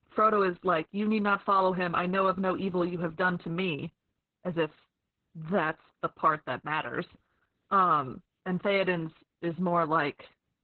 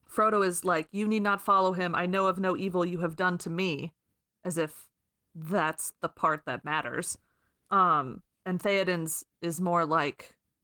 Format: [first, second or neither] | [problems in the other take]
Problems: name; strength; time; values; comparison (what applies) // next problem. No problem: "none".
second | garbled, watery; badly; nothing above 4 kHz; slightly in the second